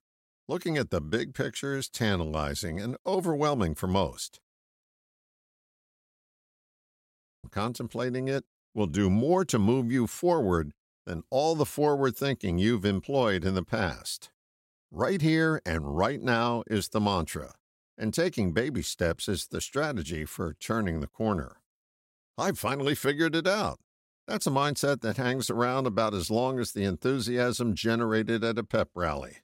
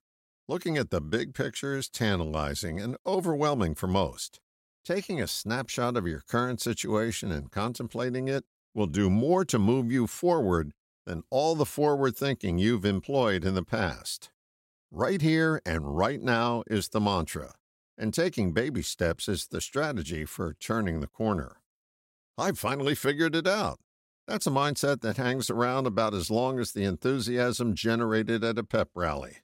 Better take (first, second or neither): second